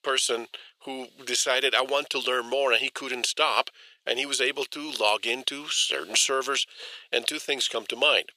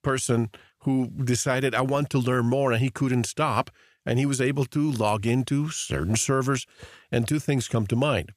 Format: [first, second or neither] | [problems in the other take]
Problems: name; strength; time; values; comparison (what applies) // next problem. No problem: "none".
second | thin; very; fading below 450 Hz